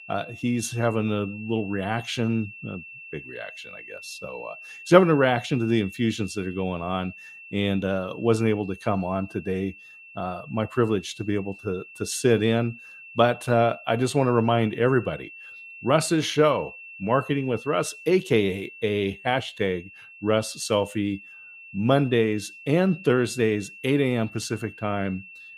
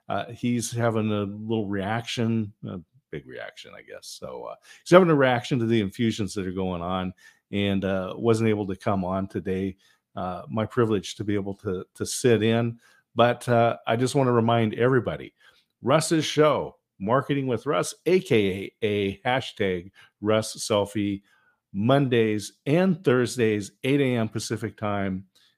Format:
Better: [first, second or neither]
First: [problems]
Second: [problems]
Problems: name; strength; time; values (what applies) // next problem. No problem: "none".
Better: second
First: high-pitched whine; noticeable; throughout; 2.5 kHz, 15 dB below the speech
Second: none